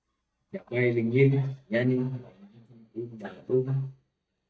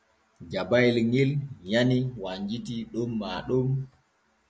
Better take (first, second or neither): second